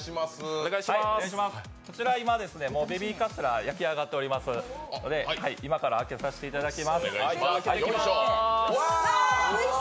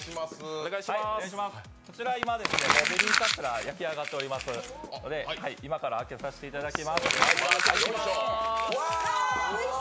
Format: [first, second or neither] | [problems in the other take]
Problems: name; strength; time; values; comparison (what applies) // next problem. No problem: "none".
first | background sound (Crumpling, crinkling); 1 dB below the speech